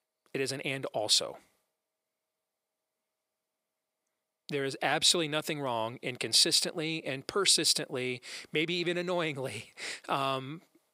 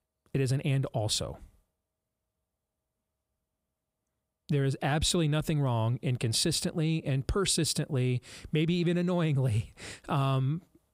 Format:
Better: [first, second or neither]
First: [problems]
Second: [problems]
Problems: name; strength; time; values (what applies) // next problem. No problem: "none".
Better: second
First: thin; somewhat; fading below 400 Hz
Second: none